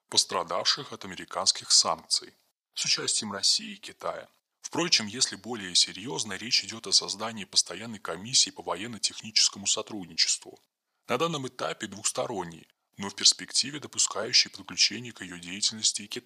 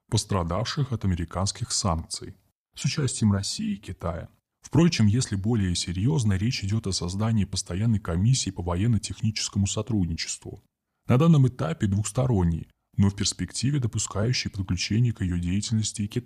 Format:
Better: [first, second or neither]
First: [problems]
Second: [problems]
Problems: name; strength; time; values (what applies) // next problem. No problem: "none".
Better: second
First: thin; very; fading below 500 Hz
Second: none